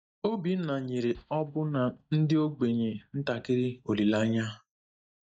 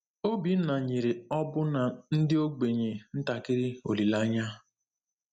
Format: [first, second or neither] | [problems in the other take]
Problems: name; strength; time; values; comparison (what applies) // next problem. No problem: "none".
second | noise reduction (neural mask model DeepFilterNet 3)